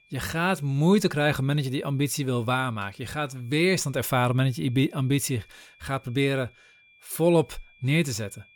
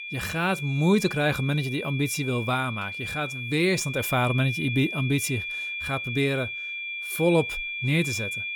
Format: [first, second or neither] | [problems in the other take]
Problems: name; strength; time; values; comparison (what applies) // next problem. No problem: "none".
first | high-pitched whine; loud; throughout; 2.5 kHz, 5 dB below the speech; faint in the first